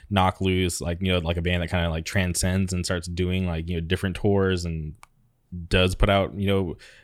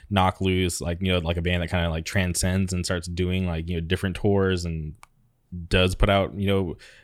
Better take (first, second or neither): neither